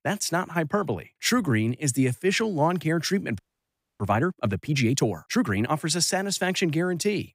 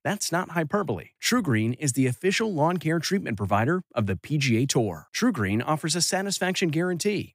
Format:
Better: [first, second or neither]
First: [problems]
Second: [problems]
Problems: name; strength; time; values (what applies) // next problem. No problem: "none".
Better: second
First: audio freezing; at 3.5 s for 0.5 s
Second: none